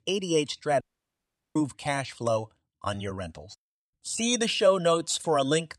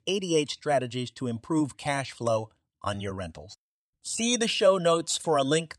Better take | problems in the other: second | audio cutting out; at 1 s for 0.5 s

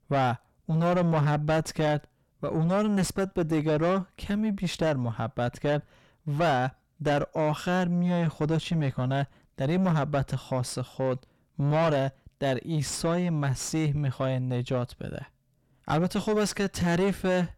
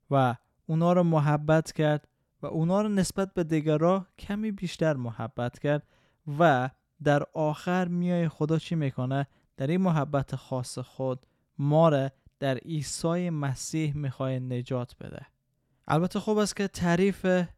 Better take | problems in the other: second | distortion; heavy; 6 dB below the speech

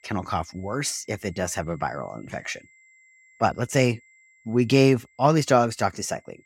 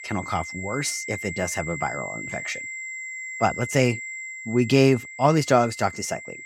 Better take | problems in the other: first | high-pitched whine; loud; throughout; 2 kHz, 9 dB below the speech; faint in the first

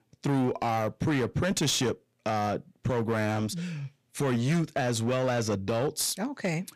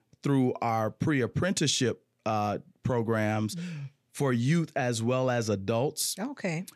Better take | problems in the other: second | distortion; slight; 14% of the sound clipped

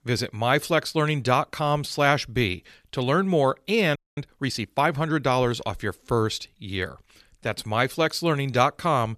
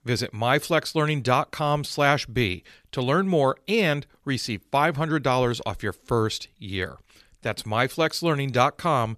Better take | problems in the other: second | audio freezing; at 4 s

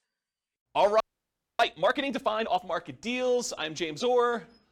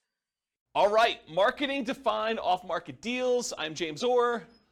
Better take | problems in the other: second | audio freezing; at 1 s for 0.5 s

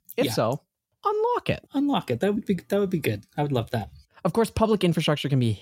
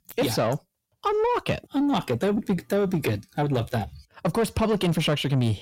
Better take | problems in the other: first | distortion; slight; 10 dB below the speech

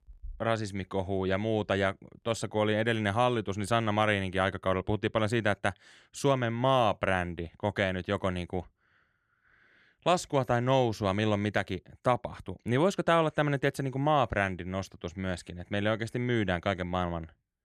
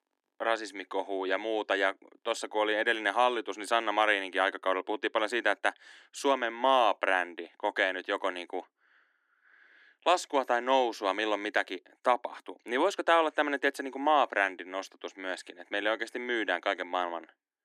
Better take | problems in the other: first | thin; somewhat; fading below 250 Hz

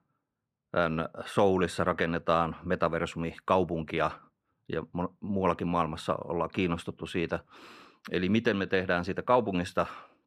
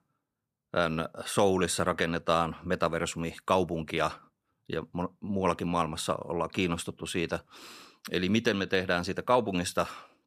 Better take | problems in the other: second | muffled; slightly; fading above 4 kHz

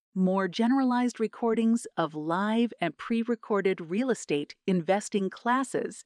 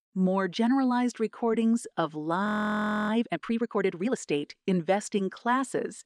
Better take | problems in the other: first | audio freezing; at 2.5 s for 0.5 s

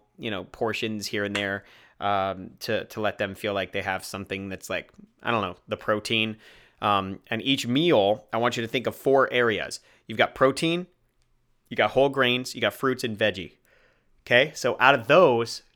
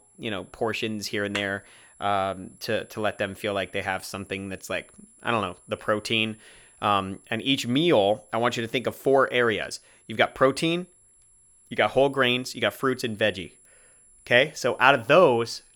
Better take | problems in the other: first | high-pitched whine; faint; throughout; 10.5 kHz, 30 dB below the speech

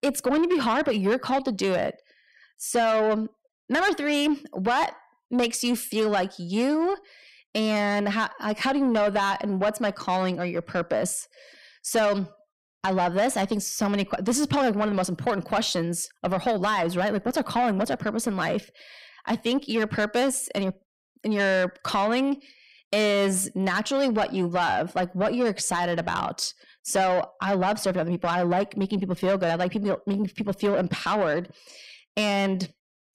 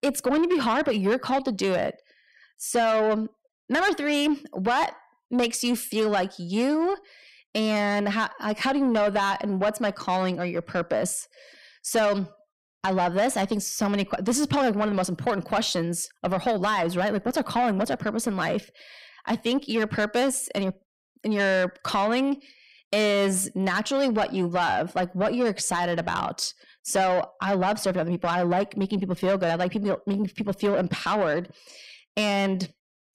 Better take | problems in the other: neither | distortion; slight; 10 dB below the speech; the same in both

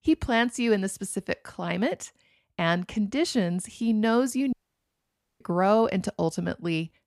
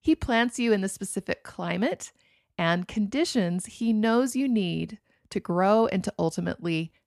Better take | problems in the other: second | audio cutting out; at 4.5 s for 1 s

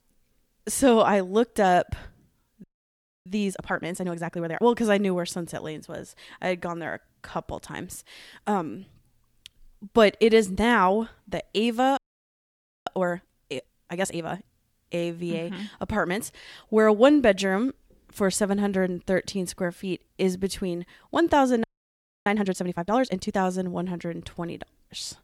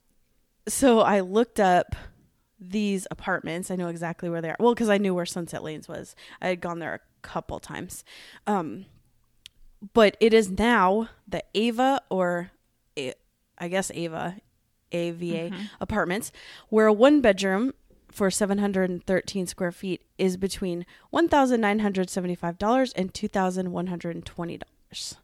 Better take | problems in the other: second | audio freezing; at 2.5 s for 0.5 s, at 12 s for 1 s and at 22 s for 0.5 s

